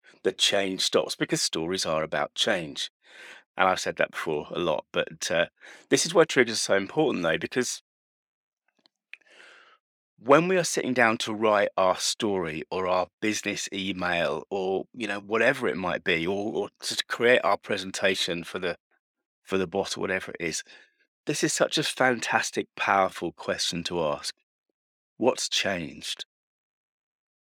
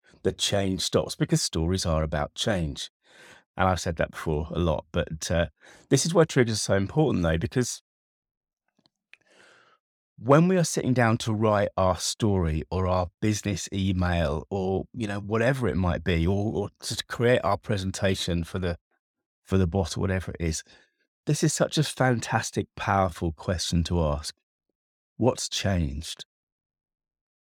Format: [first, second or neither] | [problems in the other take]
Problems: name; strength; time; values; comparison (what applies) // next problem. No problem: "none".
second | thin; somewhat; fading below 300 Hz